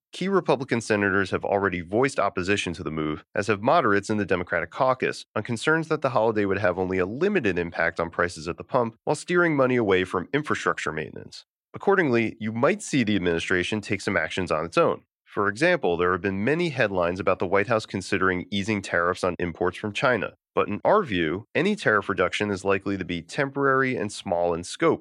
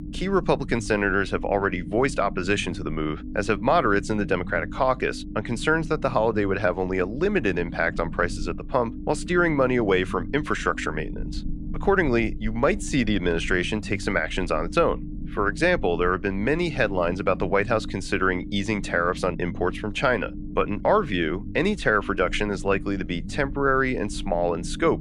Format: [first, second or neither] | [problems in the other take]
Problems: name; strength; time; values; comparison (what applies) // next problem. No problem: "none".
first | low rumble; noticeable; throughout; 20 dB below the speech